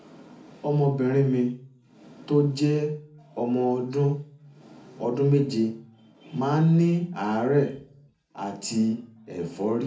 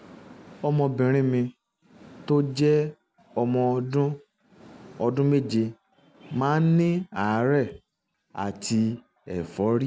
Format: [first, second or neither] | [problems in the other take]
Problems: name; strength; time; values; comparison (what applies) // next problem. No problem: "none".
second | room echo; dies away in 0.4 s